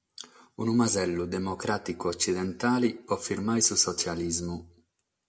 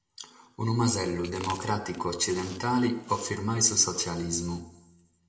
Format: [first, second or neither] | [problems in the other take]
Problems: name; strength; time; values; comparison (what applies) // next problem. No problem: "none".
first | background sound (Chewing, mastication); 19 dB below the speech // room echo; dies away in 0.7 s